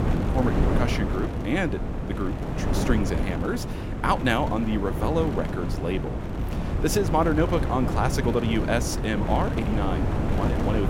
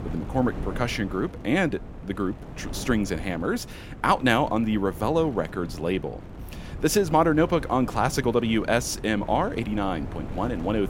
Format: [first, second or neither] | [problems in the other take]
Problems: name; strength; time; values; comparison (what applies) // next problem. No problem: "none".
second | wind noise on the microphone; heavy; 5 dB below the speech; occasional gusts in the second